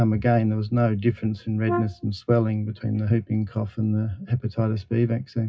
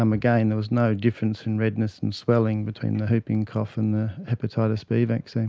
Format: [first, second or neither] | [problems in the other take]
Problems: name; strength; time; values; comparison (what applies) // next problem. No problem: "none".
second | noise reduction (classical method WPE with log-MMSE)